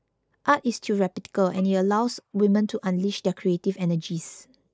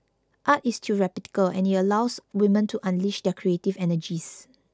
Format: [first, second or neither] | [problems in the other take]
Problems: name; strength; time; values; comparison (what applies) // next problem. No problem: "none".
second | noise reduction (neural mask model Resemble Enhance denoiser)